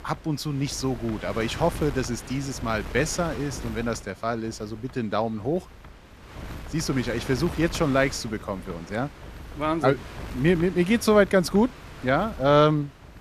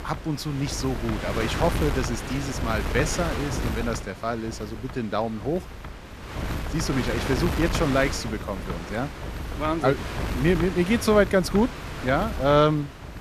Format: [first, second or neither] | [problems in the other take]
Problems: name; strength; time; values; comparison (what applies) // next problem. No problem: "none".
first | wind noise on the microphone; heavy; 7 dB below the speech; occasional gusts in the first